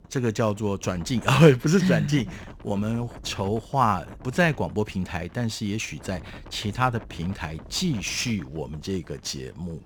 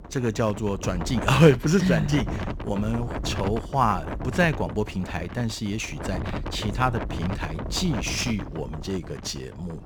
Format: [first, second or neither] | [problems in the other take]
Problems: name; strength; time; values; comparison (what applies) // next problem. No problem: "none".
first | wind noise on the microphone; heavy; 10 dB below the speech; occasional gusts in the first